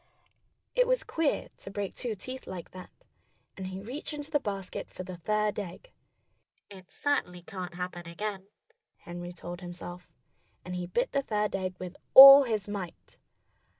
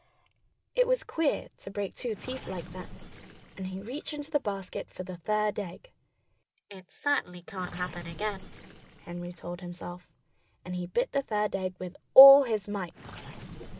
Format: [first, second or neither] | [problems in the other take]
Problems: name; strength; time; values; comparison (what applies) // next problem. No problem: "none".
first | background sound (Gurgling); 19 dB below the speech